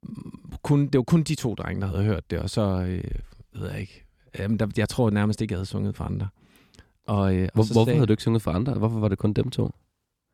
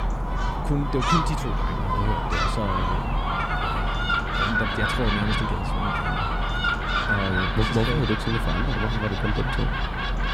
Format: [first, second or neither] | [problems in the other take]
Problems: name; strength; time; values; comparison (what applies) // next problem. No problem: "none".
first | animal sounds; very loud; throughout; 3 dB above the speech